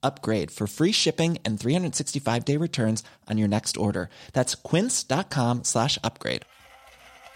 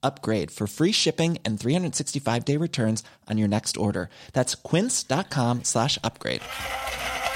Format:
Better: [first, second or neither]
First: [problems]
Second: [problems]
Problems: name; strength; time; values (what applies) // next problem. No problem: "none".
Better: first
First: household noises; faint; from 5.5 s on; 25 dB below the speech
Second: household noises; loud; from 5.5 s on; 5 dB below the speech